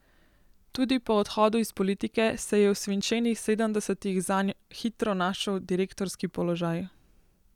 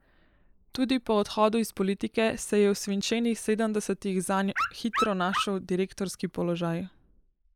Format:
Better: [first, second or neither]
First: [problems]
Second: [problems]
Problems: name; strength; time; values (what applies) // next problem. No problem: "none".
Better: first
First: none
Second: noise reduction (neural mask model Resemble Enhance denoiser)